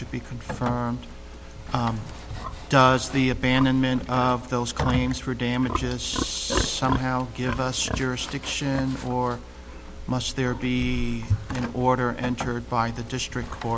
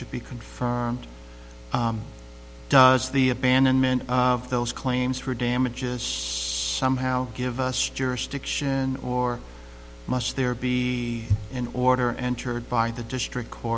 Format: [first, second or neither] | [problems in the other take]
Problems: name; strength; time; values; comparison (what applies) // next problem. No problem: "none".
second | background sound (Livestock, farm animals, working animals); 8 dB below the speech